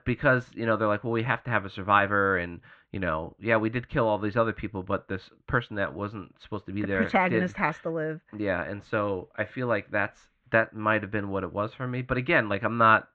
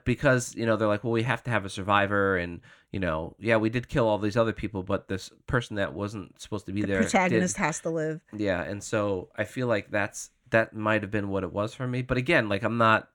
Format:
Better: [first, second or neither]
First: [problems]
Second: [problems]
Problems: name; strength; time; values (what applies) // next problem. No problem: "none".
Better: second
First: muffled; very; fading above 3.5 kHz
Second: none